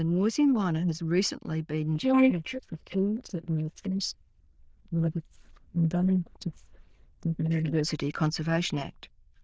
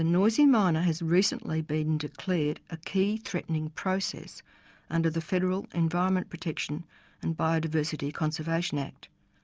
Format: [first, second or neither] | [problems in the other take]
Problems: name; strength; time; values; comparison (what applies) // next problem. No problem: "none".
second | noise reduction (neural diffusion model UNIVERSE++)